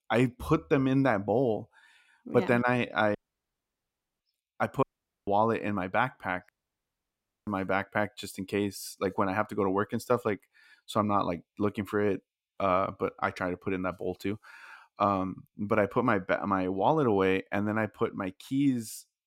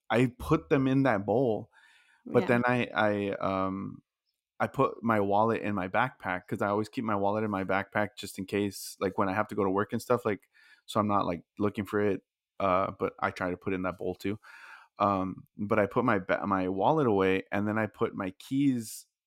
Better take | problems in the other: second | audio cutting out; at 3 s for 1 s, at 5 s and at 6.5 s for 1 s

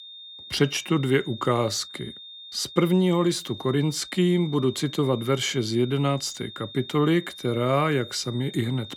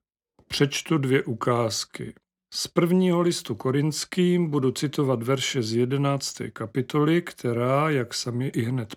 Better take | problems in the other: second | high-pitched whine; noticeable; throughout; 3.5 kHz, 15 dB below the speech

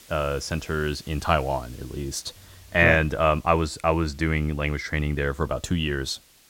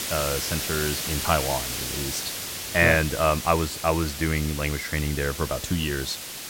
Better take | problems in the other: first | hiss; loud; throughout; 4 dB below the speech; faint in the first

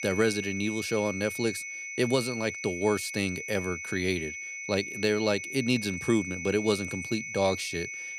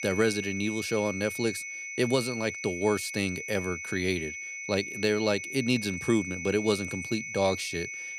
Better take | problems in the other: neither | high-pitched whine; loud; throughout; 2 kHz, 6 dB below the speech; the same in both

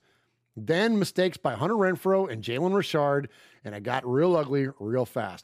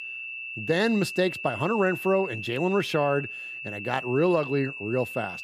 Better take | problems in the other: first | high-pitched whine; loud; throughout; 2.5 kHz, 8 dB below the speech

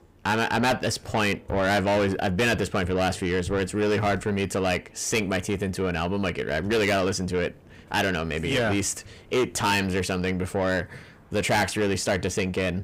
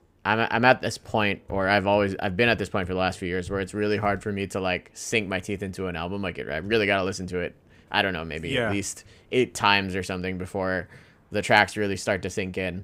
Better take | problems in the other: second | distortion; heavy; 6 dB below the speech

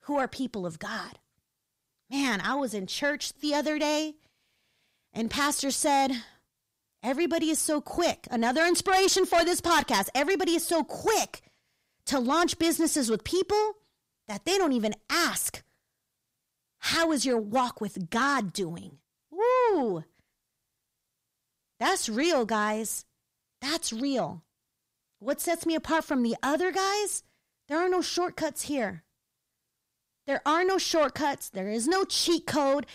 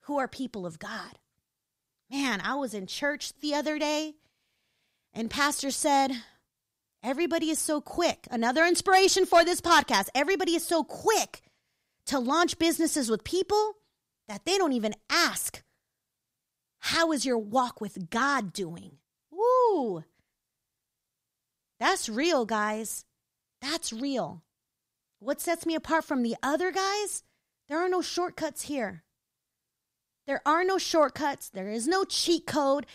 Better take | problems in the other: second | distortion; slight; 10 dB below the speech

